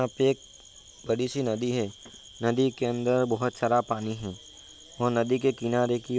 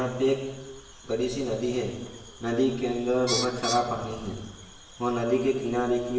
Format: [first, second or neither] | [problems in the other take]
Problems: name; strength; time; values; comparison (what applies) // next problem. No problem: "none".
first | background sound (Bird); 12 dB below the speech // room echo; dies away in 1.1 s